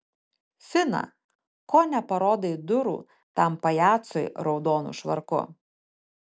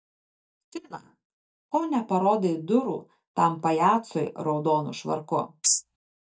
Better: first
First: none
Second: noise reduction (neural mask model DeepFilterNet 3)

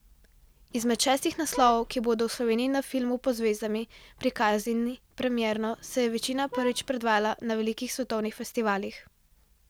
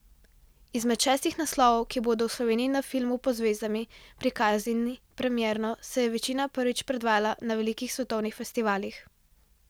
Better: second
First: background sound (Vehicle horn, car horn, honking); 13 dB below the speech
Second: none

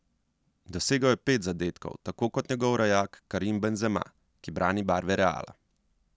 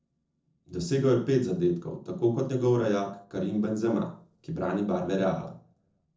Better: first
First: none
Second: noise reduction (neural separator model SepFormer DNS4)

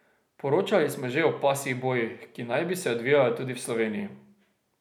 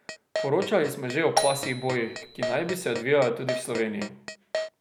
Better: first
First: none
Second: background sound (Marimba, xylophone + Keyboard (musical)); 6 dB below the speech

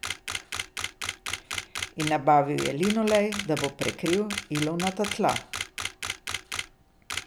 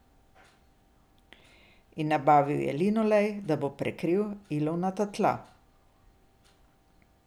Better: second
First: background sound (Camera); 7 dB below the speech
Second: none

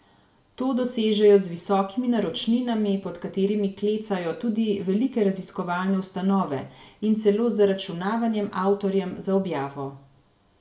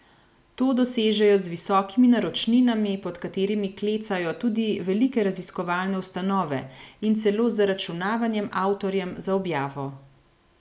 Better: second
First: room echo; dies away in 0.4 s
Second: none

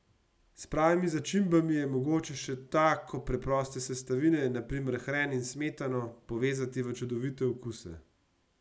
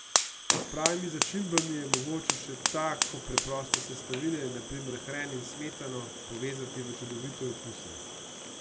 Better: first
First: none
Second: background sound (Fire); 2 dB above the speech

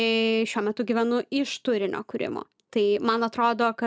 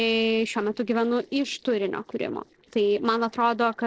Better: first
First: none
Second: noise reduction (neural separator model SepFormer DNS4)

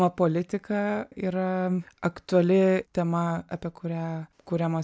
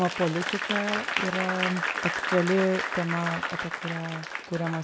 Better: first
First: none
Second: background sound (Applause / Crowd); 2 dB below the speech

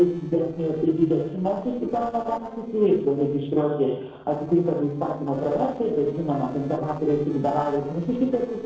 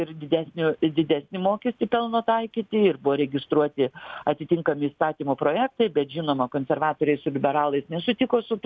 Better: second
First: noise reduction (neural separator model SepFormer DNS4)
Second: none

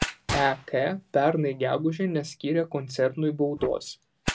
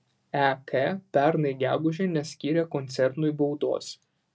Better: second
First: background sound (Fire + Gunshot, gunfire); 10 dB below the speech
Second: none

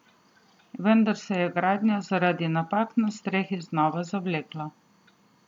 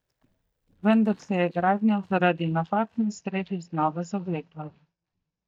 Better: first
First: none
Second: noise reduction (neural mask model DeepFilterNet 3)

